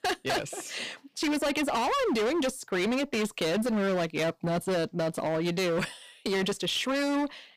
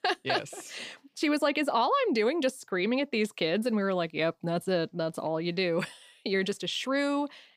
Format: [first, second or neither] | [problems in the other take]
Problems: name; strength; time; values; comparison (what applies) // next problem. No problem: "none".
second | distortion; heavy; 27% of the sound clipped